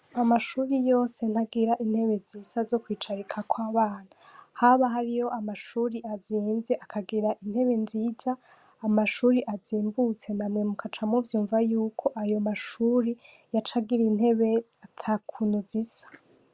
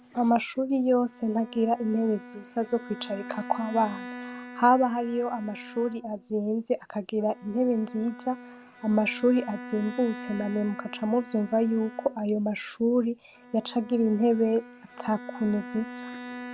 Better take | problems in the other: first | background sound (Bowed string instrument); 15 dB below the speech

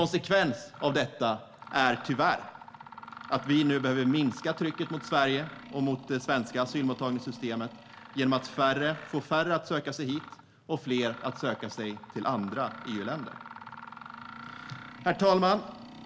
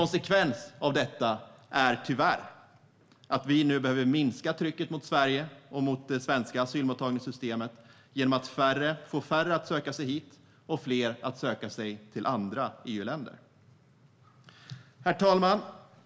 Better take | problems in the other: second | background sound (Mechanisms); 17 dB below the speech

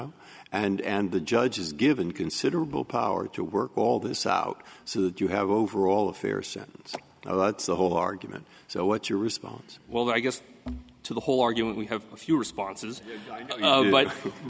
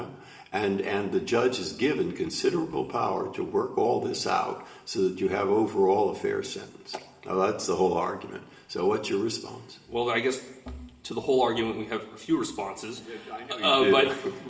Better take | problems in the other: first | room echo; dies away in 0.8 s

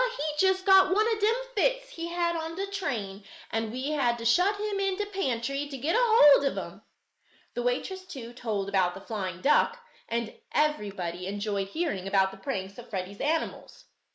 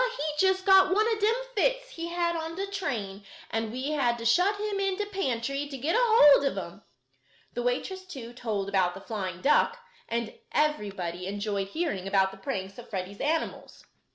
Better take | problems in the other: second | noise reduction (neural mask model Resemble Enhance denoiser)

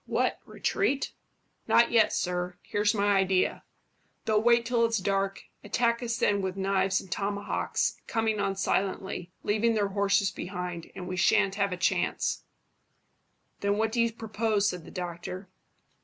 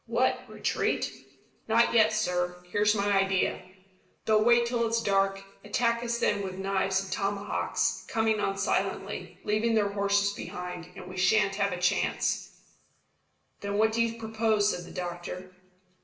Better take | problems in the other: first | room echo; dies away in 0.8 s

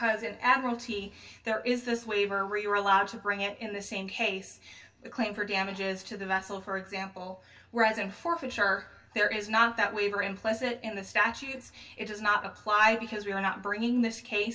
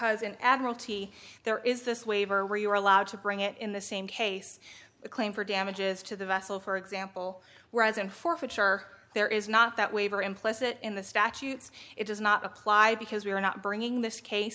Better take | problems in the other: second | room echo; dies away in 0.1 s

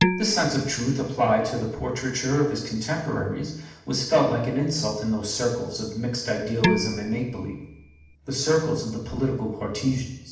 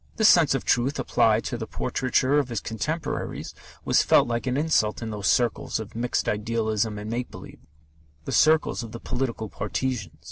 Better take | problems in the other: second | background sound (Dishes, pots, and pans); 3 dB below the speech // room echo; dies away in 0.8 s

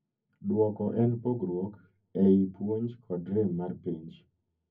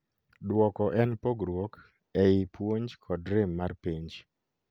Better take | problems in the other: second | room echo; dies away in 0.3 s

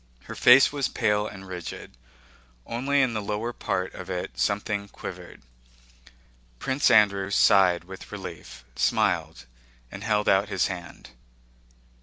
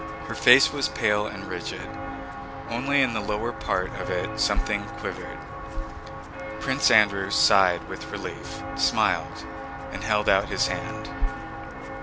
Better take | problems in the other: first | background sound (Walk, footsteps); 6 dB below the speech

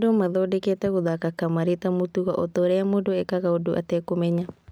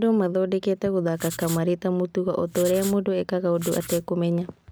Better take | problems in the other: first | background sound (Writing); 14 dB below the speech

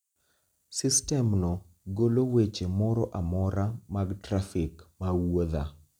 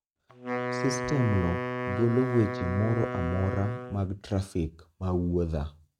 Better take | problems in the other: first | noise reduction (neural mask model RNNoise)

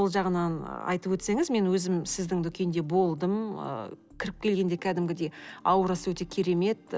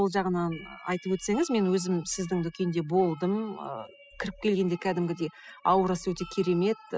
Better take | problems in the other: first | noise reduction (classical method spectral subtraction)

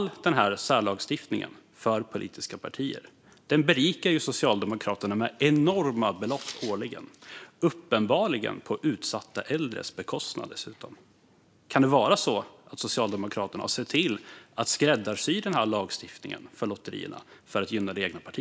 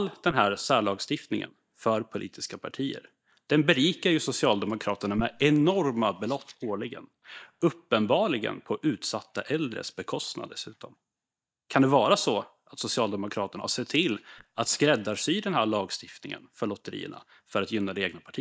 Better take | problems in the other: first | noise reduction (neural mask model DeepFilterNet 3)

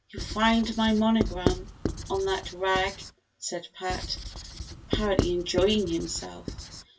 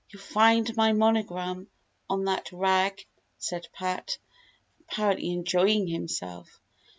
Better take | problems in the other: second | background sound (Writing); 5 dB below the speech // room echo; dies away in 0.1 s

